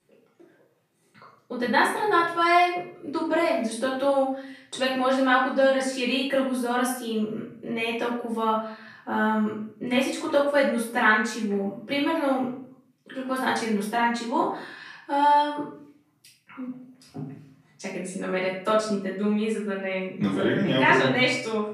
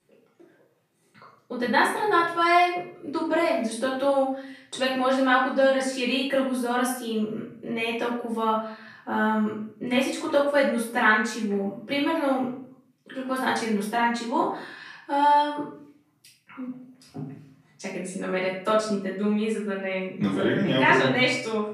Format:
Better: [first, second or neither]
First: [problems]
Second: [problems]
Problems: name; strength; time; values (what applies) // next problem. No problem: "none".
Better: neither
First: off-mic speech; far // room echo; noticeable; dies away in 0.6 s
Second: off-mic speech; far // room echo; noticeable; dies away in 0.6 s